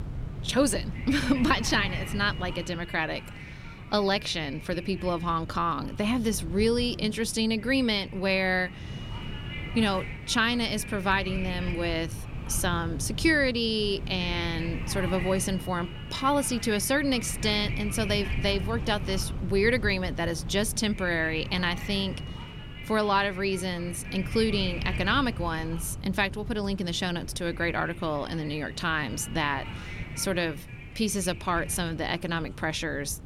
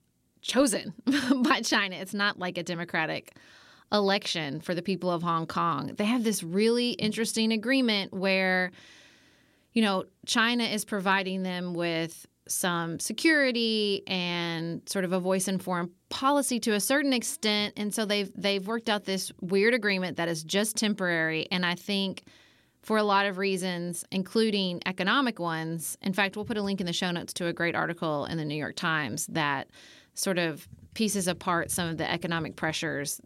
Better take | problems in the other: second | wind noise on the microphone; occasional gusts; 15 dB below the speech

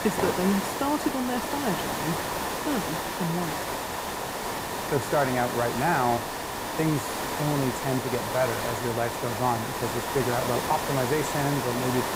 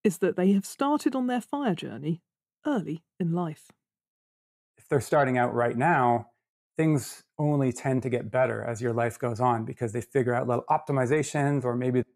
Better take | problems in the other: second | hiss; loud; throughout; 1 dB below the speech

